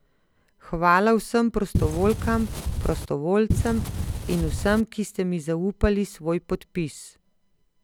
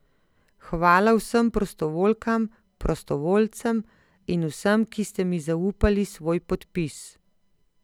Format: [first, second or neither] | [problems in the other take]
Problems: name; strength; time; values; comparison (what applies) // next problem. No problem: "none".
second | background sound (Wind); 2 dB below the speech